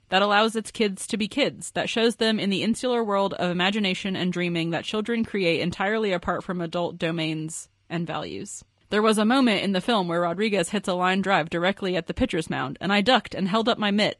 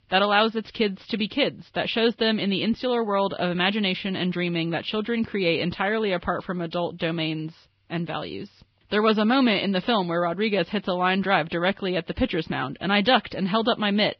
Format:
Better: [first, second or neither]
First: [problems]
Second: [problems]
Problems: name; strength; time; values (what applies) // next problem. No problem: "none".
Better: first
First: garbled, watery; slightly; nothing above 10.5 kHz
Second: garbled, watery; badly